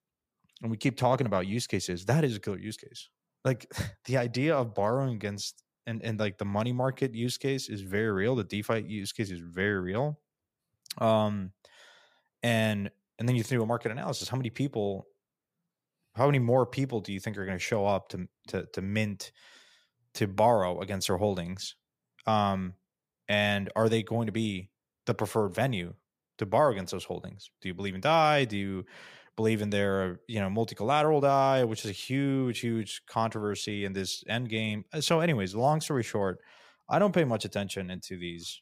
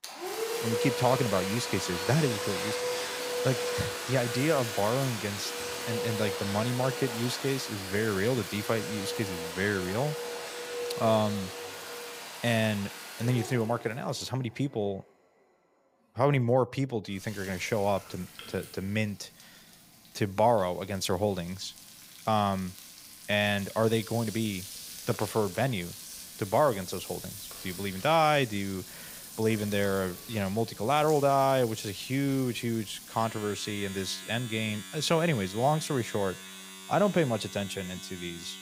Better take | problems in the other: first | household noises; loud; throughout; 7 dB below the speech

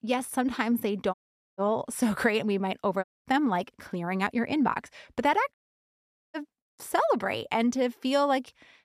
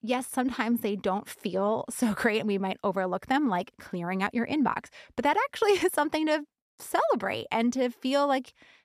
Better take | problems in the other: second | audio cutting out; at 1 s, at 3 s and at 5.5 s for 1 s

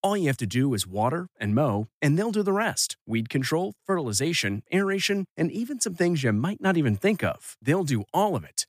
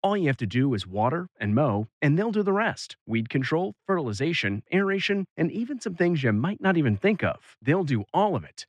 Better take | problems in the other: first | muffled; slightly; fading above 2.5 kHz

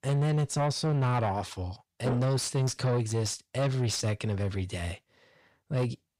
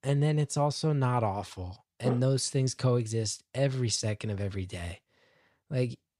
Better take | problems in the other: second | distortion; slight; 10 dB below the speech

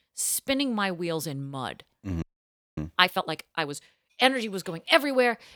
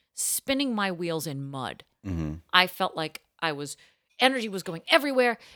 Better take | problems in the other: second | audio freezing; at 2 s for 0.5 s

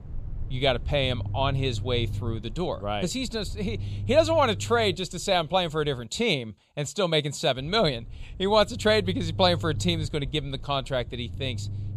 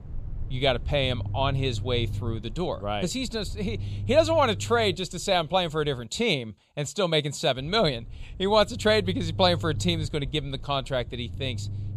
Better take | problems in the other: neither | low rumble; faint; until 6 s and from 7.5 s on; 25 dB below the speech; the same in both

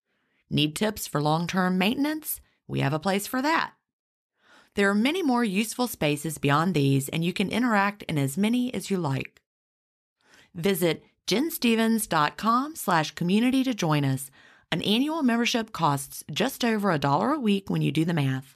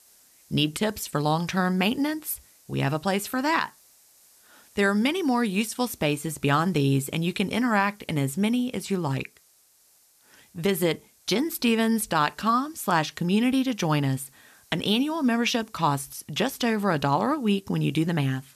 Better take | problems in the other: first | hiss; faint; throughout; 30 dB below the speech

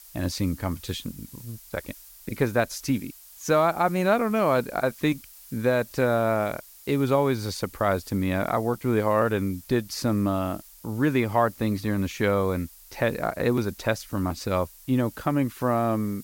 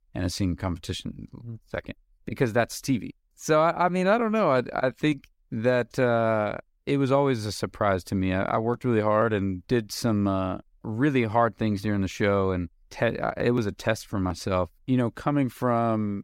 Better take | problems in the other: second | hiss; faint; throughout; 20 dB below the speech

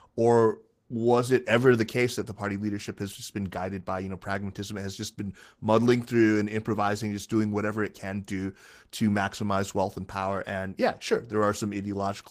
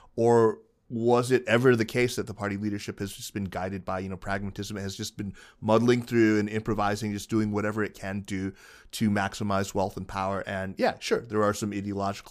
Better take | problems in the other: second | garbled, watery; slightly; nothing above 15 kHz

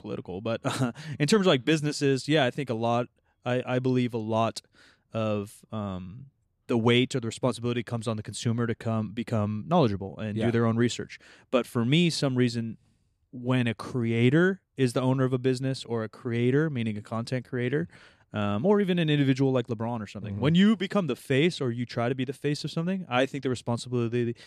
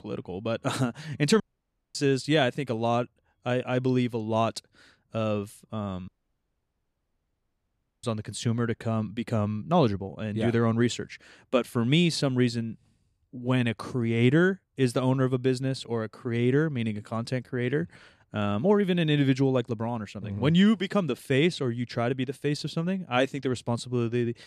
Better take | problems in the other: first | audio cutting out; at 1.5 s for 0.5 s and at 6 s for 2 s

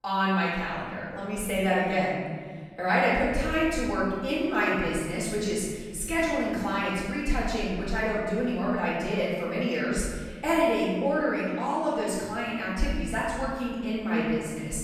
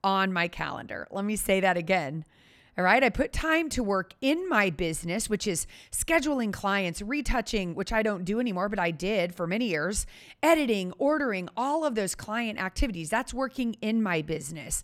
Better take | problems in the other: second | room echo; strong; dies away in 1.6 s // off-mic speech; far

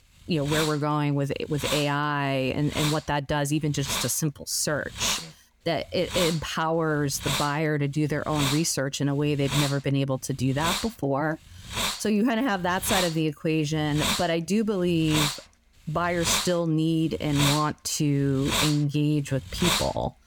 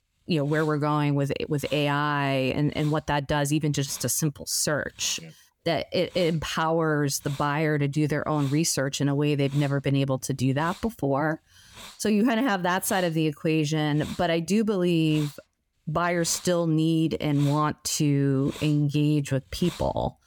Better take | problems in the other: second | hiss; loud; throughout; 3 dB below the speech; faint in the second

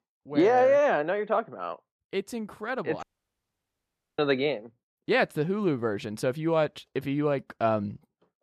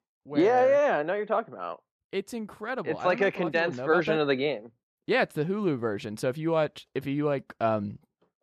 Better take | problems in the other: second | audio cutting out; at 3 s for 1 s

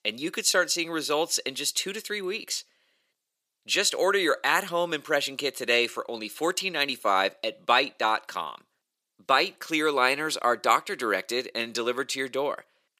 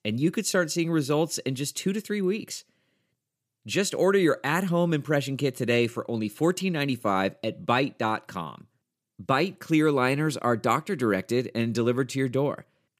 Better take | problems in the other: second | thin; very; fading below 600 Hz

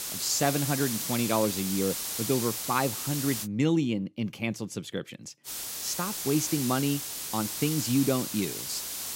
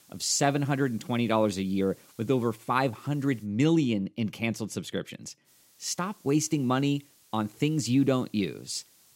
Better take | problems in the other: second | hiss; loud; until 3.5 s and from 5.5 s on; 2 dB below the speech; faint in the second

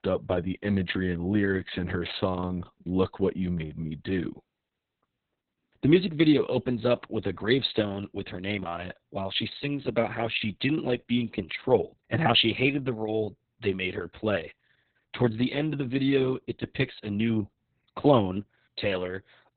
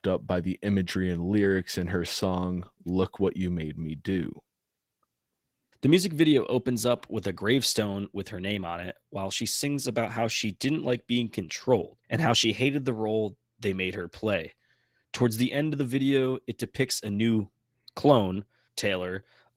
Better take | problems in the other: second | garbled, watery; badly; nothing above 4 kHz; slightly in the second

